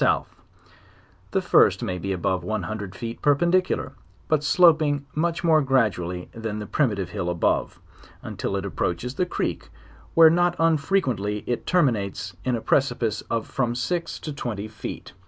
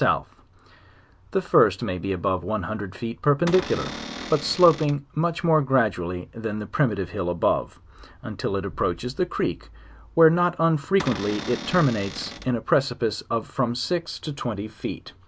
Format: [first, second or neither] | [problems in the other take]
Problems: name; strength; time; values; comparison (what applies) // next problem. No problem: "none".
first | background sound (Cupboard open or close / Door); 10 dB below the speech